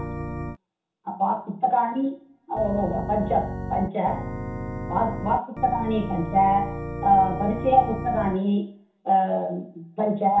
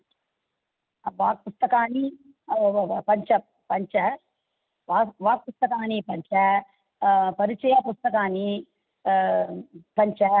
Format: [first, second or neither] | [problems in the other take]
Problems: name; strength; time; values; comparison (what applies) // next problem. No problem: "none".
second | background sound (Organ); 9 dB below the speech // room echo; dies away in 0.7 s